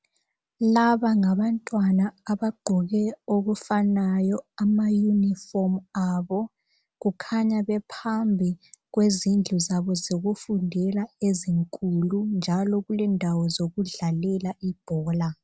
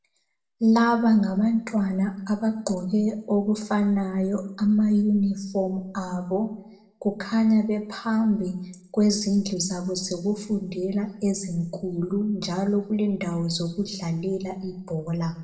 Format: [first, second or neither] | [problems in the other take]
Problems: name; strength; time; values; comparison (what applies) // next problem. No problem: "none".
first | room echo; dies away in 0.6 s